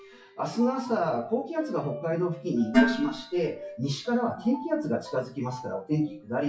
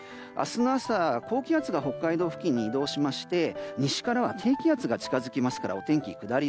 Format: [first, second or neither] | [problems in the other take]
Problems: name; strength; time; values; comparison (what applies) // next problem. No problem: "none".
second | noise reduction (classical method WPE with log-MMSE)